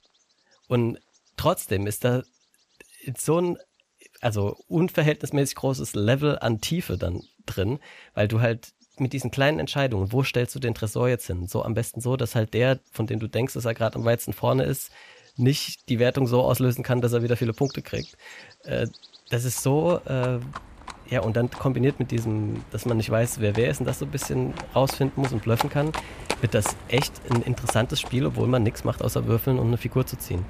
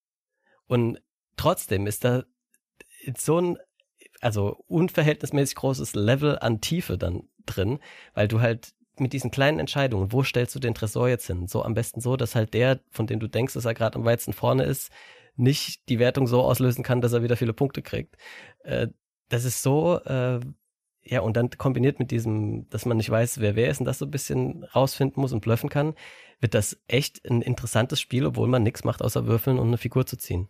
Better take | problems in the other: second | animal sounds; noticeable; throughout; 10 dB below the speech

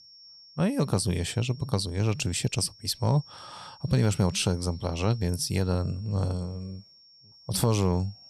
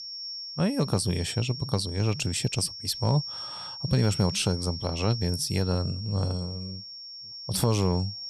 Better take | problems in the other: first | high-pitched whine; loud; throughout; 5.5 kHz, 9 dB below the speech; faint in the first

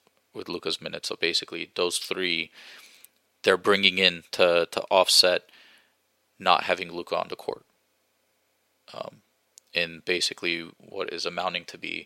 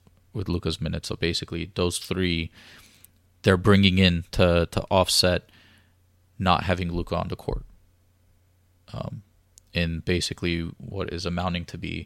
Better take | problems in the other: second | thin; very; fading below 450 Hz

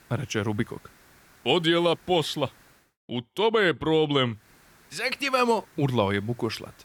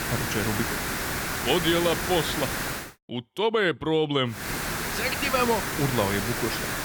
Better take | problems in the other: first | hiss; loud; until 3 s and from 4.5 s on; 2 dB below the speech; faint in the first

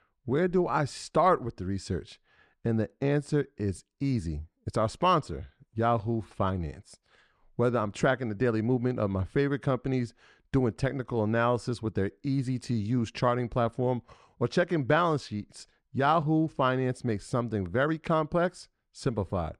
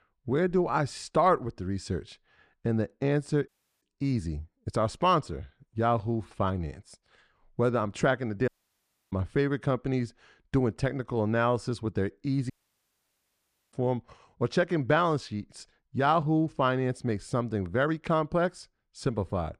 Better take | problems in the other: first | audio cutting out; at 3.5 s, at 8.5 s for 0.5 s and at 13 s for 1 s

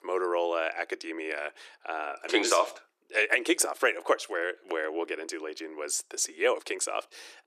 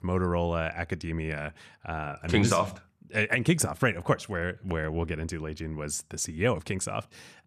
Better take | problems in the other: second | thin; very; fading below 350 Hz

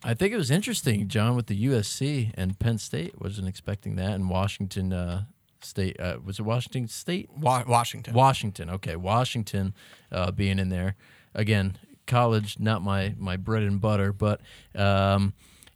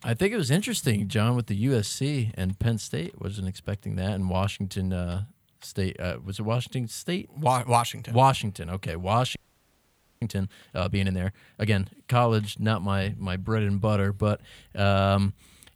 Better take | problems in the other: first | audio freezing; at 9.5 s for 1 s

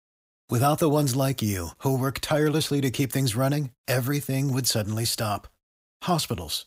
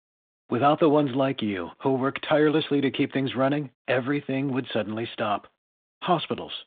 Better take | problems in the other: first | phone-call audio; nothing above 3.5 kHz

